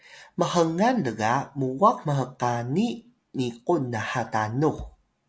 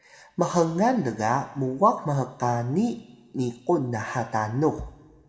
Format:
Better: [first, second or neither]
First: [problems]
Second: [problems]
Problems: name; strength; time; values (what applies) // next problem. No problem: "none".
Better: first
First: none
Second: room echo; dies away in 1.2 s